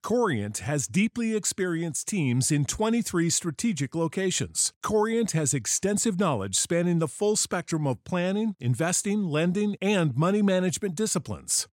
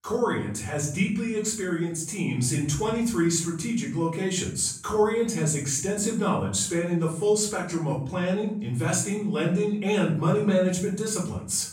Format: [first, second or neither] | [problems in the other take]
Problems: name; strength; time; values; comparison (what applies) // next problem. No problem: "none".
first | off-mic speech; far // room echo; slight; dies away in 0.5 s